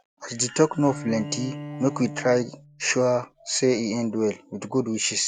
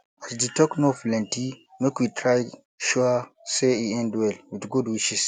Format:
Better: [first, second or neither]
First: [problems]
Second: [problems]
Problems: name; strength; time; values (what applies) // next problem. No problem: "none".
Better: second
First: background sound (Bowed string instrument); 13 dB below the speech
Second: none